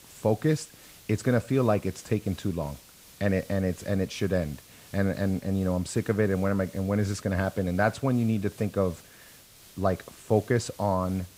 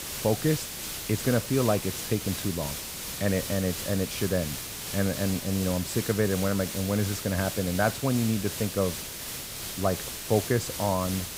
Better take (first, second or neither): first